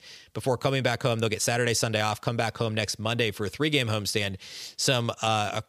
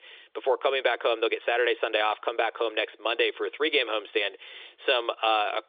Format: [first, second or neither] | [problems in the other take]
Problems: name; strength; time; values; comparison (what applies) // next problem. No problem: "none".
first | phone-call audio